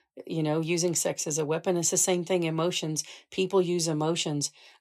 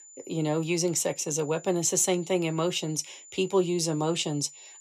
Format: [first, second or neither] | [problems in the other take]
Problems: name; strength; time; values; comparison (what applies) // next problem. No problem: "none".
first | high-pitched whine; noticeable; throughout; 7 kHz, 20 dB below the speech